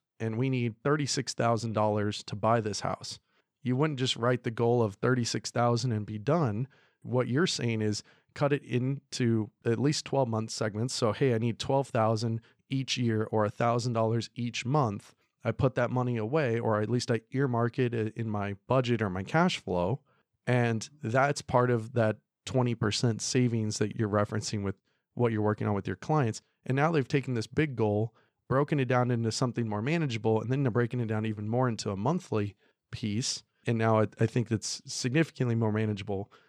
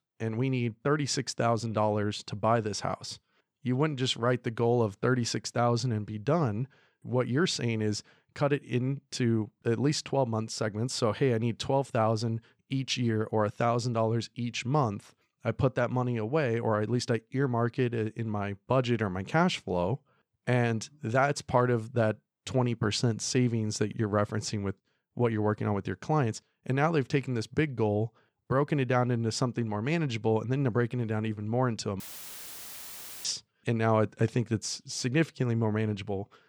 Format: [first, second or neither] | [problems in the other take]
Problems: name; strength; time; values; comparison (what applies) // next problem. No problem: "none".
first | audio cutting out; filled with static; at 32 s for 1.5 s